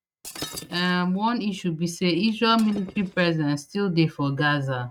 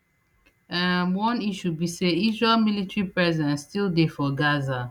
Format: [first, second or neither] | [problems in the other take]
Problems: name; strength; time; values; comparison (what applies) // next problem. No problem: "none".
second | noise reduction (neural mask model RNNoise)